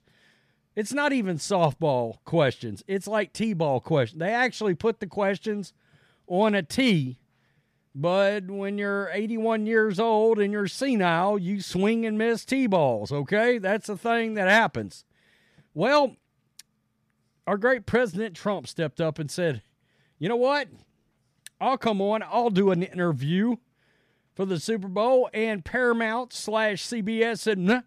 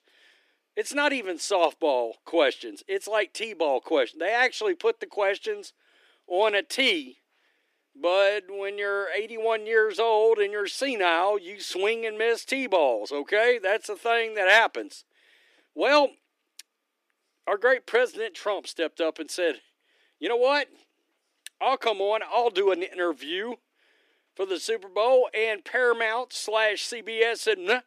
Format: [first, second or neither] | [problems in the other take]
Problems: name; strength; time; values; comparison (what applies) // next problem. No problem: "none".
first | thin; very; fading below 300 Hz